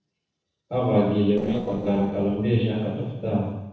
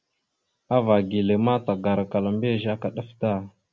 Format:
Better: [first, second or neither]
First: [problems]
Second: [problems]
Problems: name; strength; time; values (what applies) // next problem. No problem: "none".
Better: second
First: noise reduction (neural separator model SepFormer DNS4)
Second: none